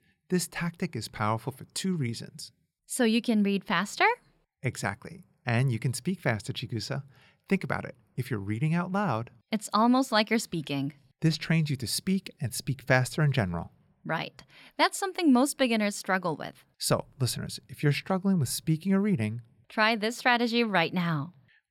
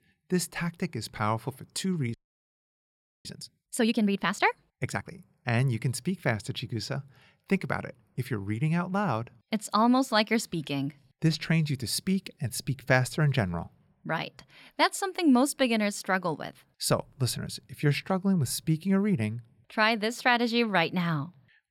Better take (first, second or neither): first